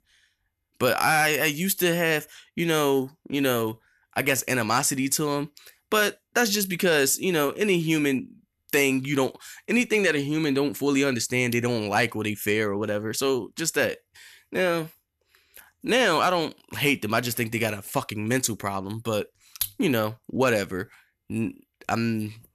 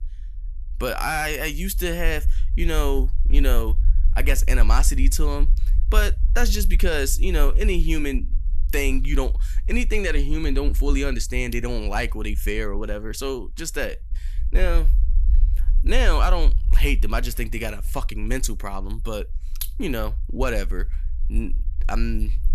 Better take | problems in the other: first | low rumble; faint; throughout; 20 dB below the speech

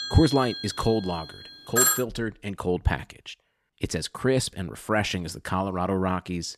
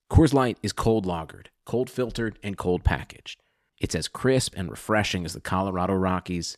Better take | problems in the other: second | alarms or sirens; very loud; until 2 s; 2 dB above the speech

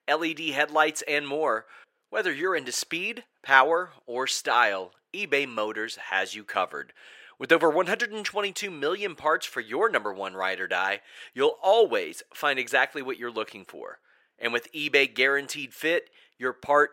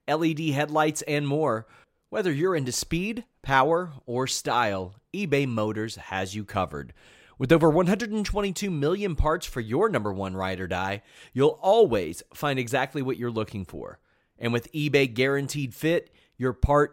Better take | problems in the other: second | thin; very; fading below 450 Hz

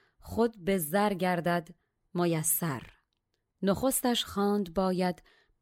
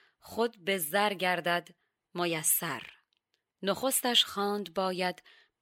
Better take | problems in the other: first | thin; very slightly; fading below 1 kHz

